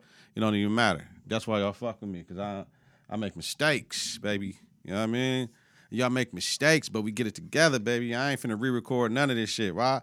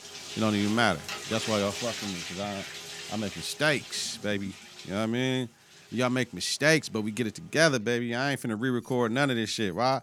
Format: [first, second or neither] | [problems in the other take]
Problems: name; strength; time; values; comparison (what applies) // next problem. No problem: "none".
first | household noises; loud; throughout; 9 dB below the speech